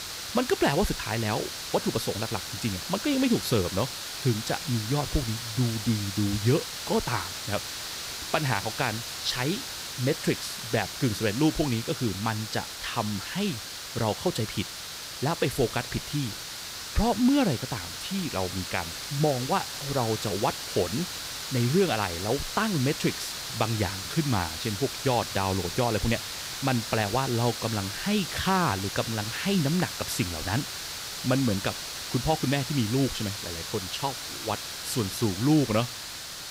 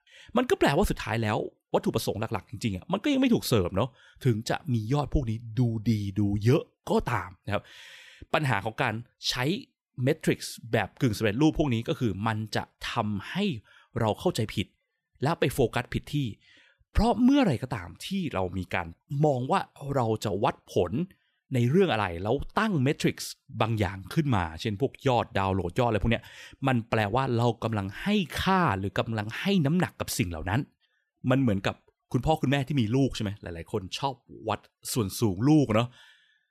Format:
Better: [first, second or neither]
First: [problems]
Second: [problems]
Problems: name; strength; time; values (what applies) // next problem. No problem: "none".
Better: second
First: hiss; loud; throughout; 5 dB below the speech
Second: none